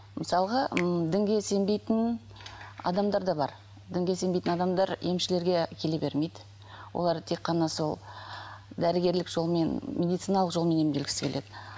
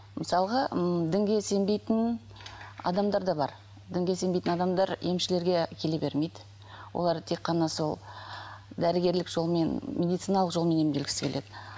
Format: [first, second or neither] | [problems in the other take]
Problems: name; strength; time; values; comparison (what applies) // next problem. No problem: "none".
second | background sound (Finger snapping); 18 dB below the speech